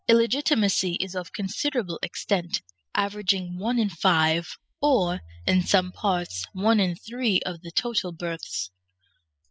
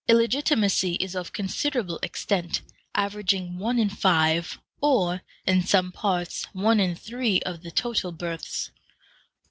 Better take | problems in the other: second | noise reduction (classical method spectral subtraction)

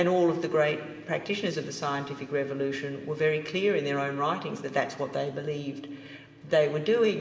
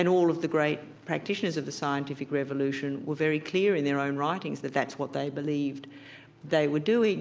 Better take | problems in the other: second | room echo; dies away in 2.6 s

